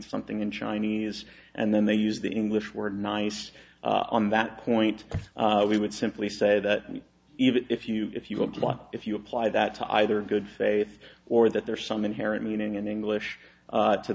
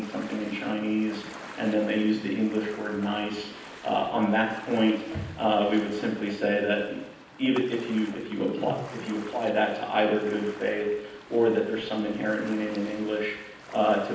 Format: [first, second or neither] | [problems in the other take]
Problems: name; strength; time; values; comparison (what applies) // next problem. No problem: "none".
first | background sound (Ocean); 17 dB below the speech // room echo; dies away in 0.9 s